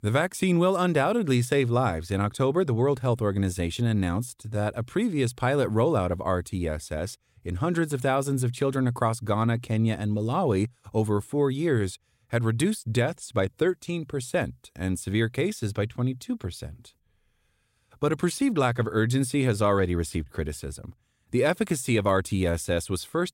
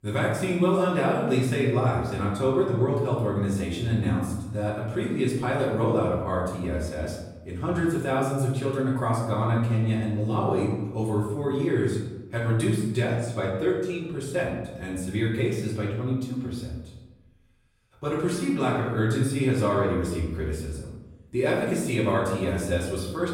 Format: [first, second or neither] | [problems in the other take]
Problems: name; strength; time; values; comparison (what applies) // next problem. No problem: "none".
first | room echo; noticeable; dies away in 0.9 s // off-mic speech; far